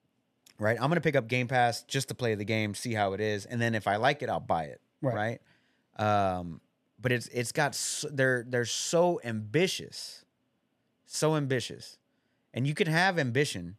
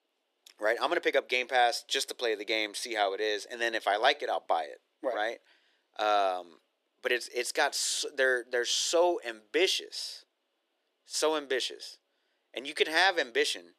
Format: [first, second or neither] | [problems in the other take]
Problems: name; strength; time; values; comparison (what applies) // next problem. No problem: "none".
first | thin; very; fading below 350 Hz